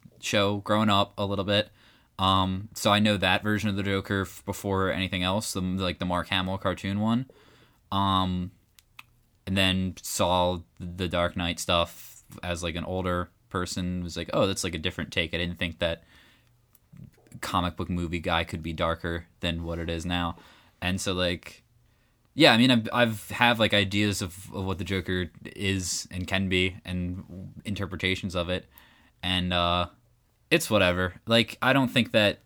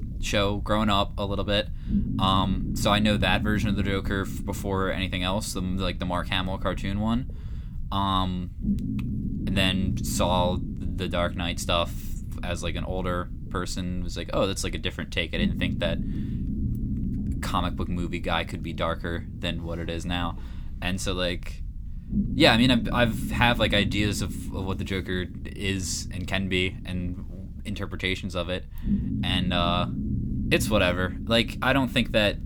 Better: first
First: none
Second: low rumble; noticeable; throughout; 15 dB below the speech

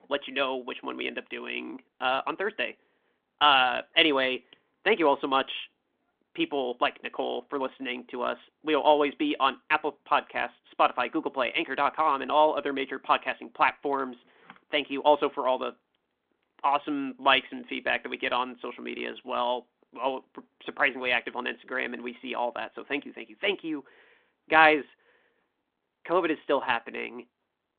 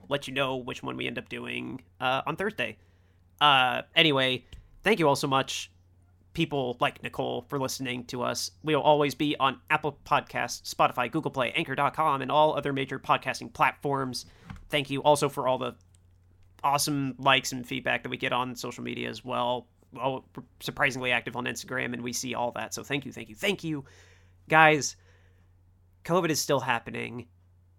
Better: second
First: phone-call audio; nothing above 3.5 kHz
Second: none

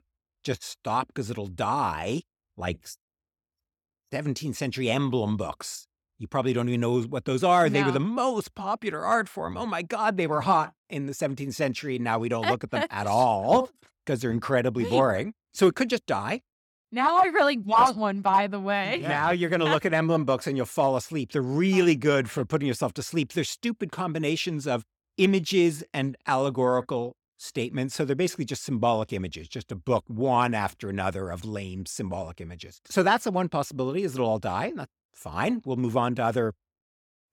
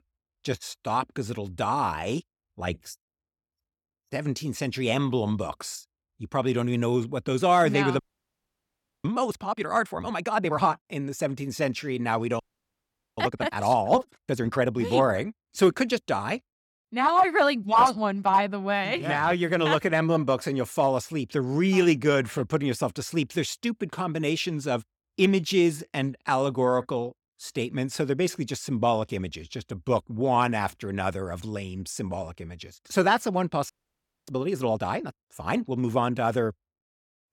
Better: first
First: none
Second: audio freezing; at 8 s for 1 s, at 12 s for 1 s and at 34 s for 0.5 s

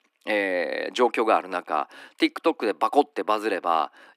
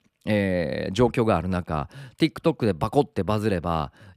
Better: second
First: thin; somewhat; fading below 300 Hz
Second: none

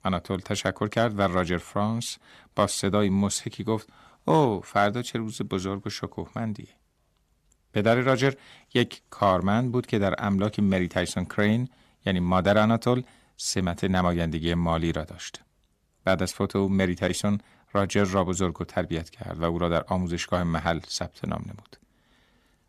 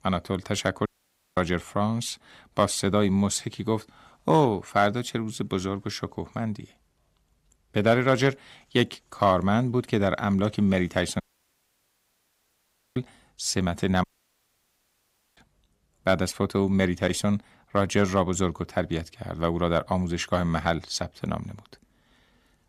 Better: first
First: none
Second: audio cutting out; at 1 s for 0.5 s, at 11 s for 2 s and at 14 s for 1.5 s

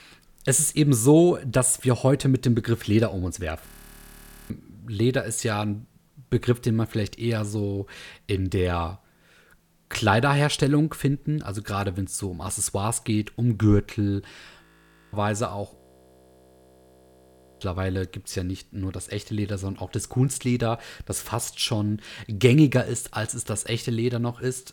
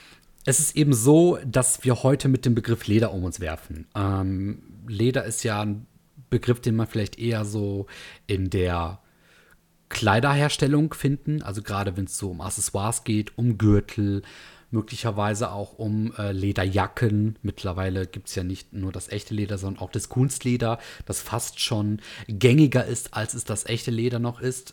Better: second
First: audio freezing; at 3.5 s for 1 s, at 15 s for 0.5 s and at 16 s for 2 s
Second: none

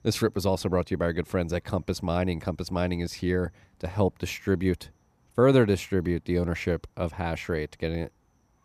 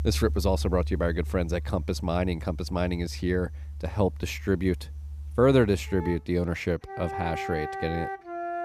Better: first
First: none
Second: background music; loud; throughout; 8 dB below the speech

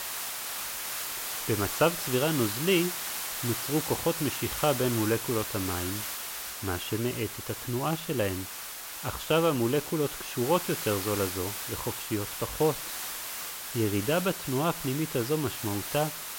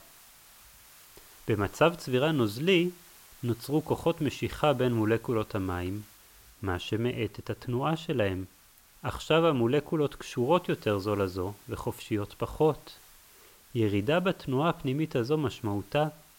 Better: second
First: hiss; loud; throughout; 4 dB below the speech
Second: hiss; faint; throughout; 25 dB below the speech

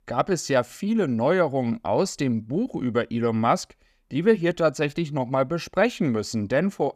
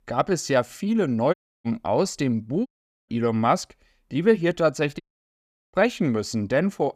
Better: first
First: none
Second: audio cutting out; at 1.5 s, at 2.5 s and at 5 s for 0.5 s

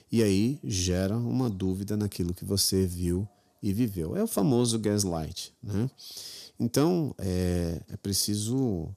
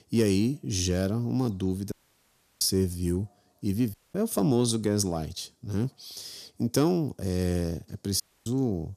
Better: first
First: none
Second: audio cutting out; at 2 s for 0.5 s, at 4 s and at 8 s

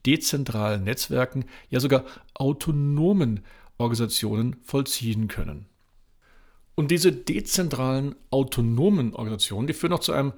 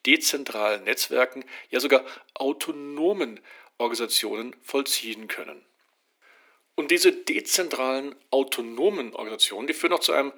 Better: first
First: none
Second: thin; somewhat; fading below 300 Hz

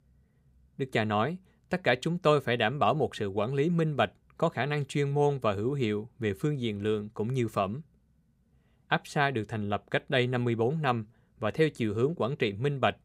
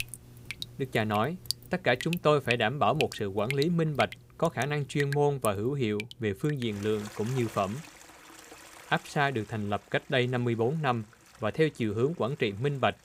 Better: first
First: none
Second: rain or running water; noticeable; throughout; 10 dB below the speech

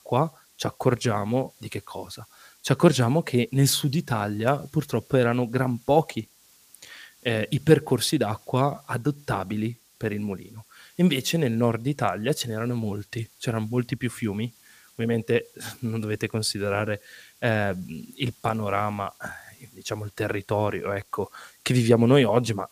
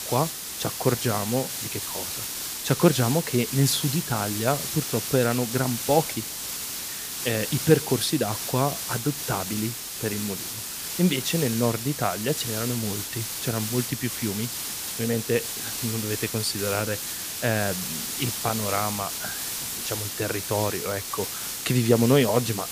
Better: first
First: hiss; faint; throughout; 30 dB below the speech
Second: hiss; loud; throughout; 3 dB below the speech

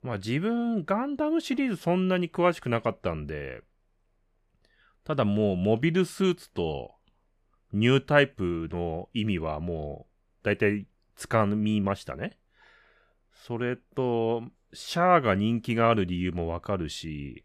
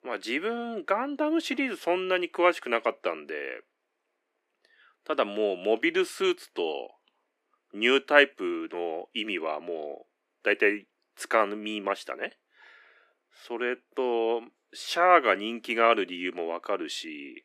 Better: first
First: none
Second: thin; somewhat; fading below 300 Hz

